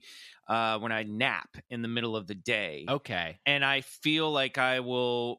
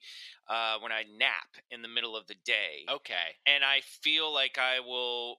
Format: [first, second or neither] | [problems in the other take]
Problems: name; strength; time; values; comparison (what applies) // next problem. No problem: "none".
first | thin; very; fading below 550 Hz